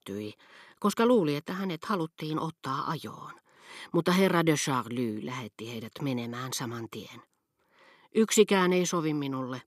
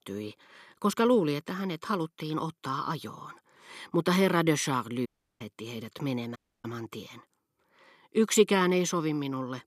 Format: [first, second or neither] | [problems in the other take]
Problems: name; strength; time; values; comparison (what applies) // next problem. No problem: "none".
first | audio cutting out; at 5 s and at 6.5 s